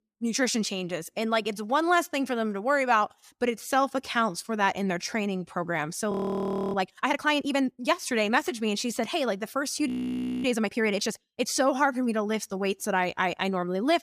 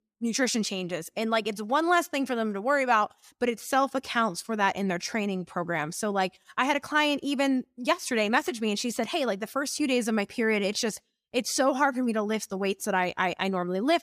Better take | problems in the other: second | audio freezing; at 6 s for 0.5 s and at 10 s for 0.5 s

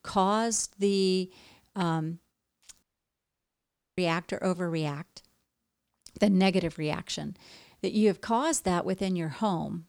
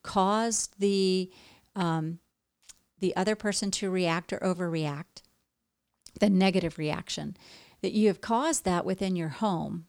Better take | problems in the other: second | audio cutting out; at 3 s for 1 s

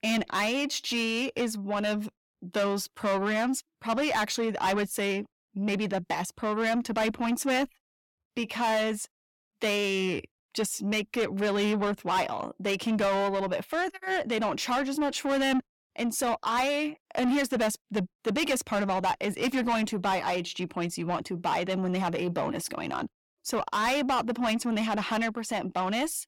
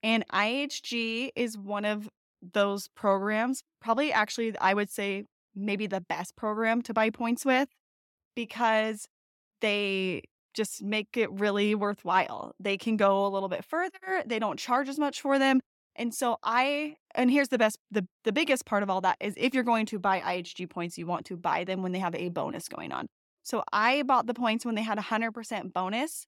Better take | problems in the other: second | distortion; heavy; 7 dB below the speech

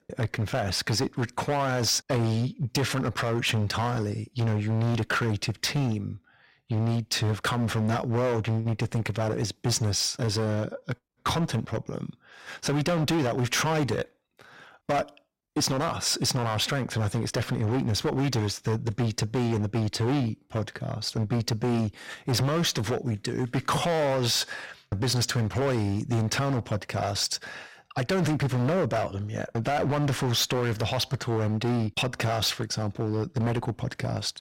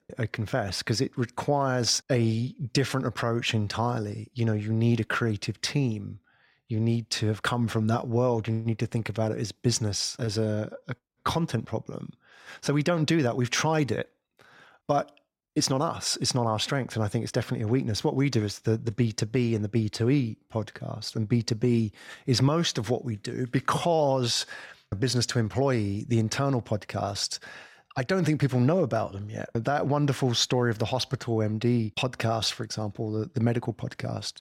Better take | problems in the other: second | distortion; heavy; 16% of the sound clipped

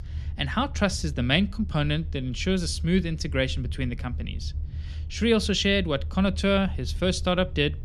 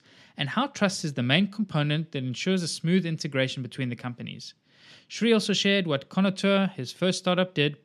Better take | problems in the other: second | low rumble; faint; throughout; 25 dB below the speech

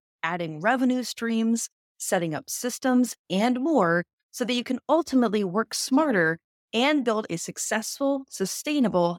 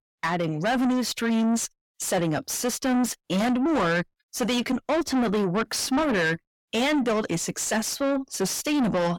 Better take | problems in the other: first | distortion; heavy; 6 dB below the speech

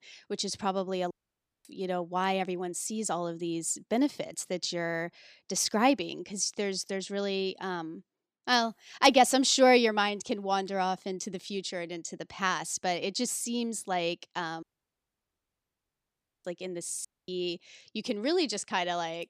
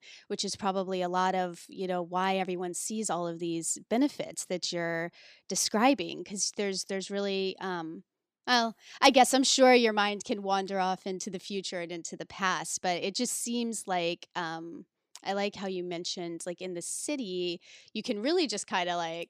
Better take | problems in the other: second | audio cutting out; at 1 s for 0.5 s, at 15 s for 2 s and at 17 s

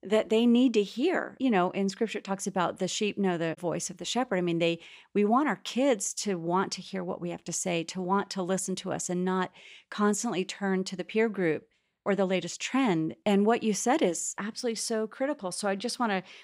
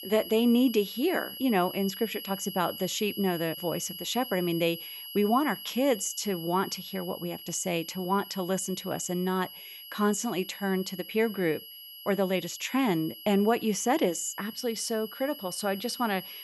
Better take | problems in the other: first | high-pitched whine; noticeable; throughout; 3 kHz, 10 dB below the speech

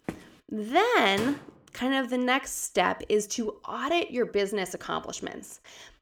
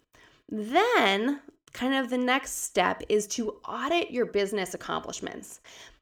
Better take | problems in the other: second | footsteps; faint; at the start; peak 15 dB below the speech // door banging; faint; at 1 s; peak 10 dB below the speech

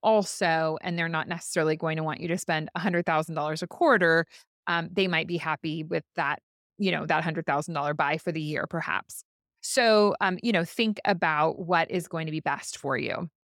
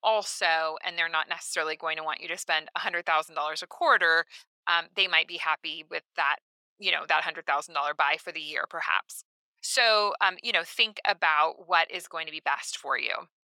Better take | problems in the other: first | thin; very; fading below 800 Hz

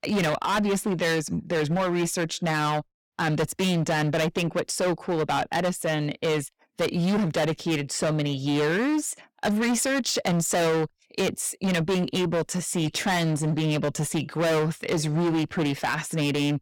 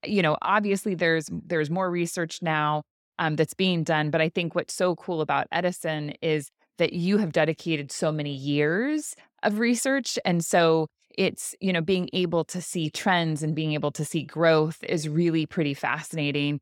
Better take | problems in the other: second | distortion; heavy; 23% of the sound clipped

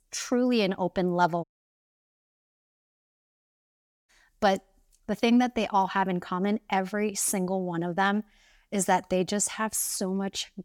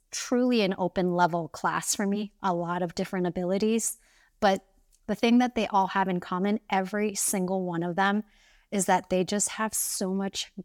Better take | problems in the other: second | audio cutting out; at 1.5 s for 2.5 s

